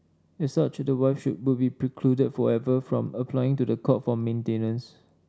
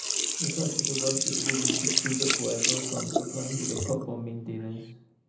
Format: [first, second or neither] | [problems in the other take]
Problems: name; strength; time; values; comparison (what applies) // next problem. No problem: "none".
first | background sound (Sink (filling or washing)); 3 dB above the speech // room echo; dies away in 0.6 s